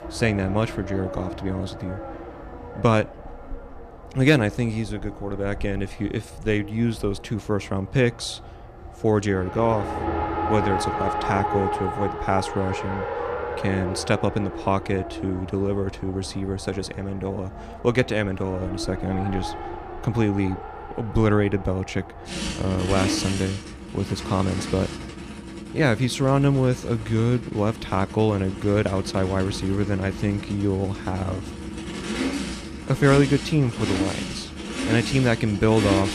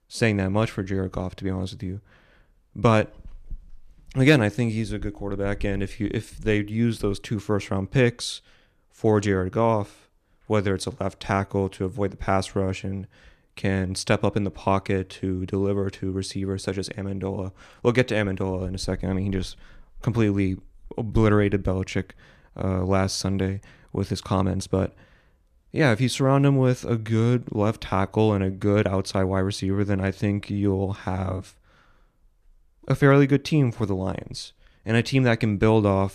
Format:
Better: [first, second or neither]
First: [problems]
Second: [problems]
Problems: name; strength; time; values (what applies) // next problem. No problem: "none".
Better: second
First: traffic noise; loud; throughout; 7 dB below the speech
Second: none